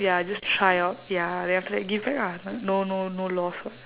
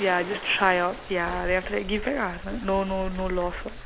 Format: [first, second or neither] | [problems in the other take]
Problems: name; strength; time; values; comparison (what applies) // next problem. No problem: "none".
first | background sound (Waves, surf); 10 dB below the speech